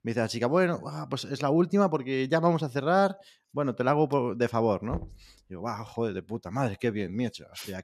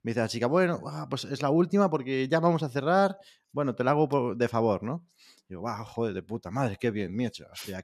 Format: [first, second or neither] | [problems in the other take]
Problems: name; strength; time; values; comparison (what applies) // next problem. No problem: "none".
second | door banging; faint; at 5 s; peak 10 dB below the speech